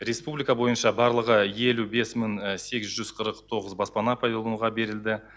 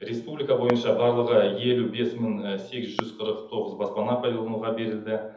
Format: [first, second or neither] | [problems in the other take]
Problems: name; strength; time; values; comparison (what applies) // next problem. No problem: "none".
first | background sound (Fireworks); 16 dB below the speech // room echo; dies away in 0.7 s